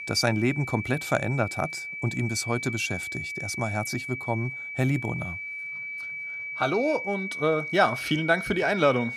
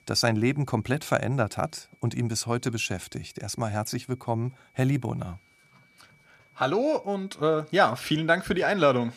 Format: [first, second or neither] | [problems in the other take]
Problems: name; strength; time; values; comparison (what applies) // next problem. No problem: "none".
second | high-pitched whine; loud; throughout; 2.5 kHz, 6 dB below the speech; faint in the second